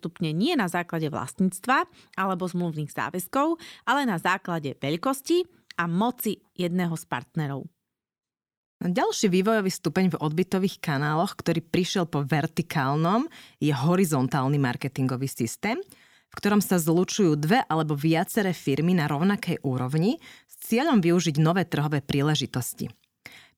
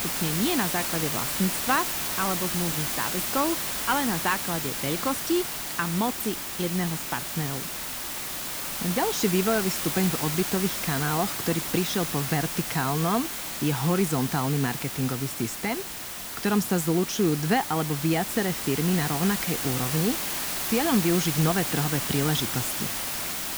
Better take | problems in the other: first | hiss; loud; throughout; 1 dB below the speech

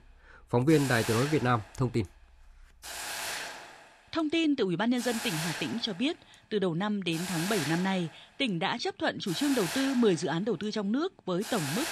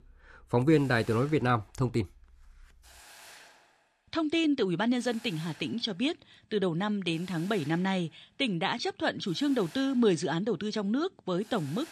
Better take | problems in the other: second | hiss; loud; throughout; 7 dB below the speech; faint in the second

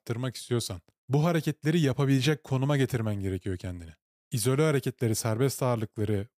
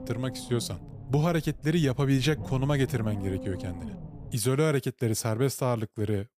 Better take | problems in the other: first | low rumble; noticeable; until 4.5 s; 15 dB below the speech

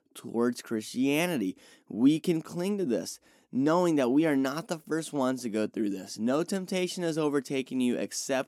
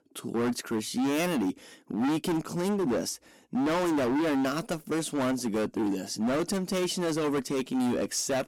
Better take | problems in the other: first | distortion; heavy; 25% of the sound clipped

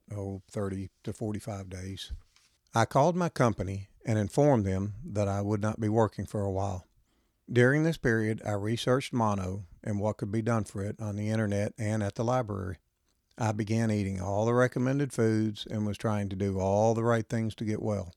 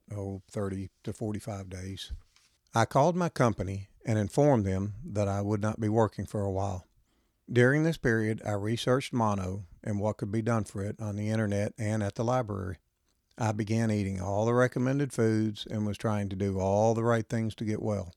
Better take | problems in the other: neither | none

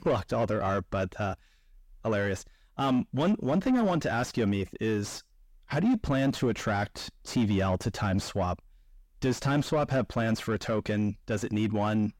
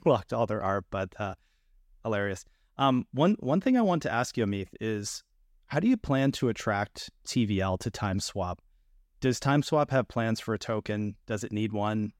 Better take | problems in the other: second | distortion; heavy; 7 dB below the speech

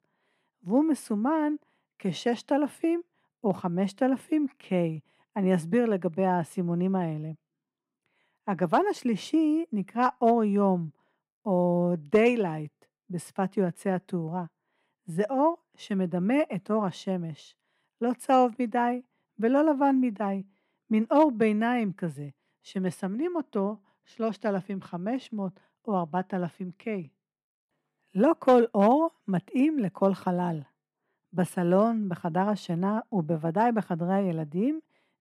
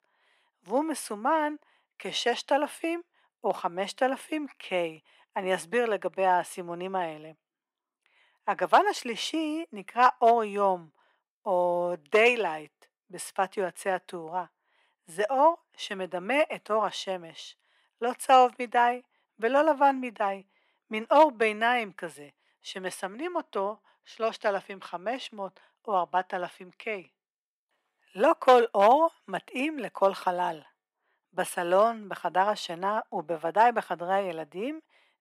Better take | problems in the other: first | thin; very; fading below 650 Hz

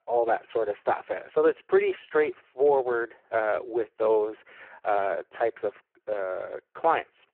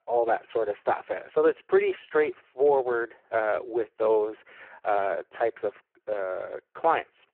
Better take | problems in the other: neither | phone-call audio; poor line; the same in both

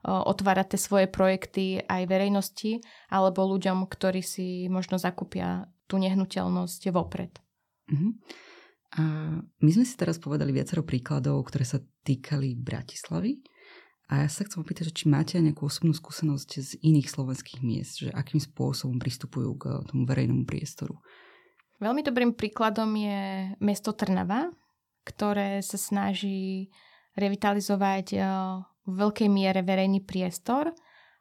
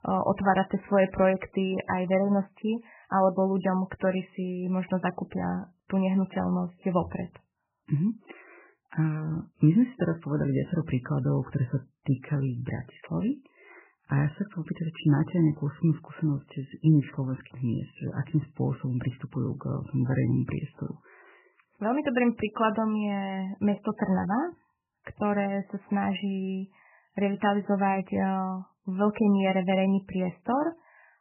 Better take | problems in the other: first | garbled, watery; badly; nothing above 3 kHz

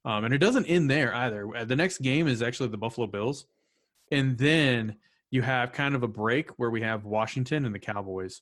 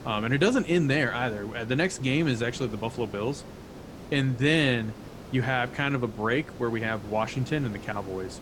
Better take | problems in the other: first | hiss; noticeable; throughout; 15 dB below the speech

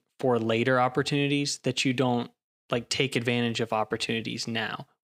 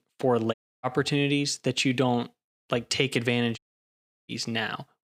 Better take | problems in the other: first | audio cutting out; at 0.5 s and at 3.5 s for 0.5 s

